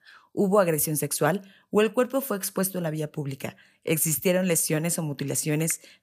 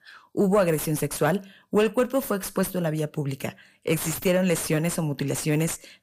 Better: first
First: none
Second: distortion; slight; 9 dB below the speech

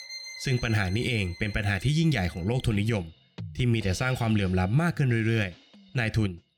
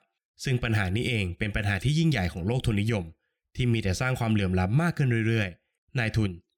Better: second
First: background music; noticeable; throughout; 15 dB below the speech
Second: none

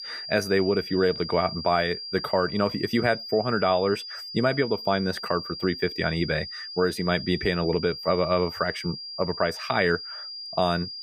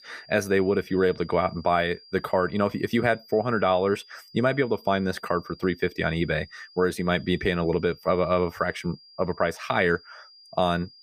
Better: second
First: high-pitched whine; loud; throughout; 5 kHz, 9 dB below the speech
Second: high-pitched whine; faint; throughout; 5 kHz, 25 dB below the speech

